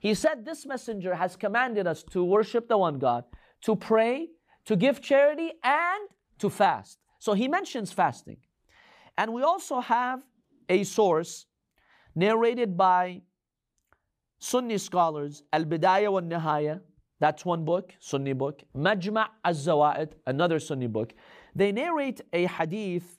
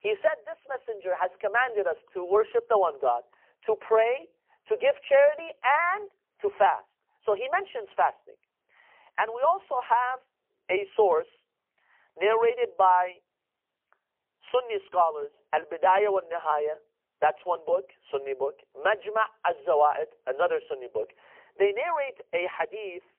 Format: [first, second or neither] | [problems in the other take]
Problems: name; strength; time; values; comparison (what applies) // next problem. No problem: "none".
first | phone-call audio; poor line; nothing above 3 kHz